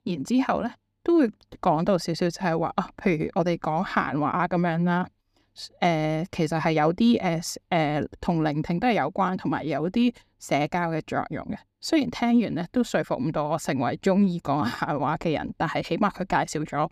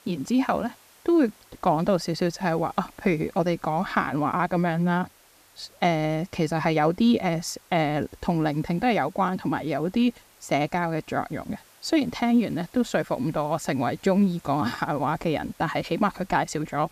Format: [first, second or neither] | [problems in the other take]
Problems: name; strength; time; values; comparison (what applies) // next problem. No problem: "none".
first | hiss; faint; throughout; 25 dB below the speech